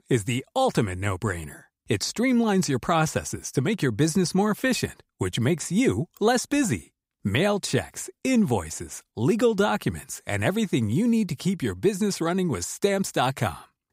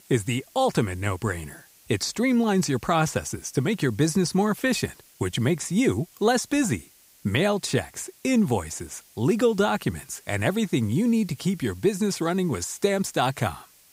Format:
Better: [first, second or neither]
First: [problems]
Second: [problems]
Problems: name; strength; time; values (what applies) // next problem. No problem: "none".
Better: first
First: none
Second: hiss; faint; throughout; 25 dB below the speech